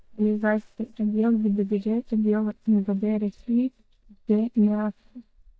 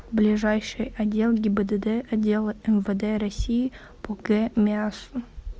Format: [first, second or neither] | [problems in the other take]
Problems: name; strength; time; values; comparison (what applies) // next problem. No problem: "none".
second | noise reduction (neural mask model DeepFilterNet 3)